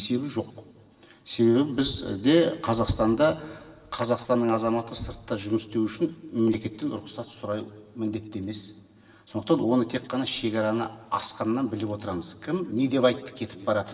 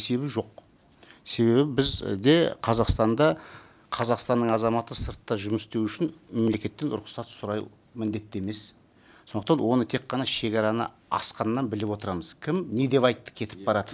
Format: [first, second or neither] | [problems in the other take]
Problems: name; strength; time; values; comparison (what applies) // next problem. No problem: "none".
second | room echo; dies away in 1.3 s